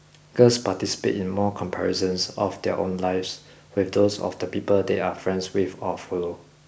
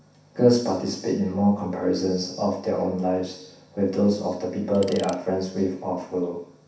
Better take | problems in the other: first | background sound (Tools); 18 dB below the speech // room echo; dies away in 0.7 s

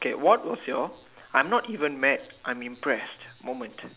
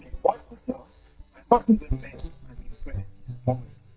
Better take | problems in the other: first | noise reduction (neural mask model DeepFilterNet 3)

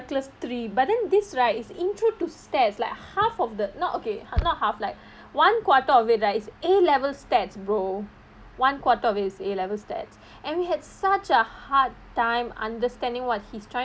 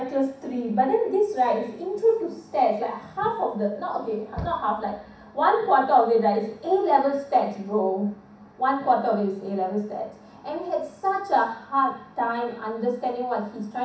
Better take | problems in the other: first | room echo; dies away in 0.7 s

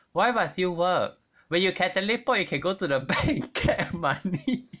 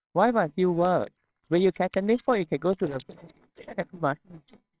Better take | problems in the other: first | noise reduction (neural separator model SepFormer WHAMR!)

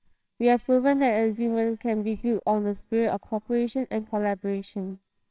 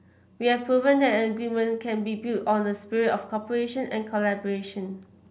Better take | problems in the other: second | noise reduction (neural separator model SepFormer WHAMR!)

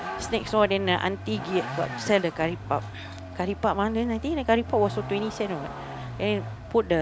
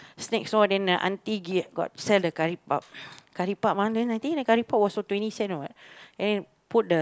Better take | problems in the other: second | background sound (Vehicle); 9 dB below the speech

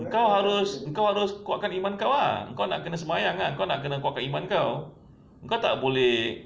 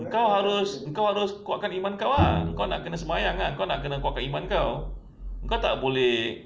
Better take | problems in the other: first | background sound (Bowed string instrument); 5 dB below the speech

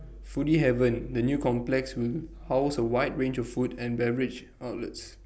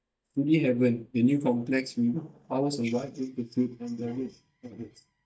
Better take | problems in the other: first | noise reduction (neural mask model DeepFilterNet 3)

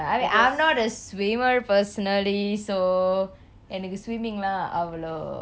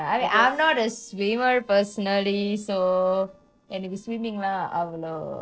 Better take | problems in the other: first | noise reduction (neural separator model SepFormer DNS4)

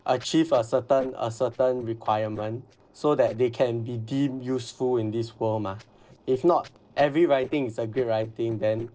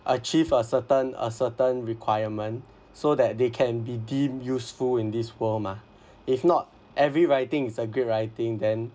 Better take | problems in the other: second | noise reduction (neural separator model SepFormer DNS4)

